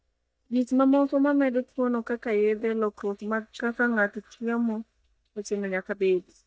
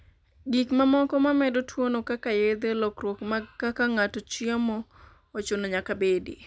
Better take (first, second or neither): second